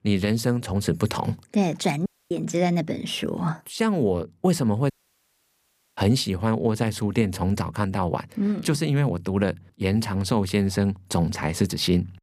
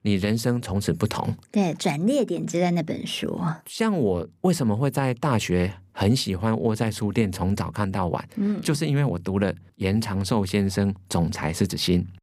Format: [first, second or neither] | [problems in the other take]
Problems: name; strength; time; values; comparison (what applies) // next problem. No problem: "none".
second | audio cutting out; at 2 s and at 5 s for 1 s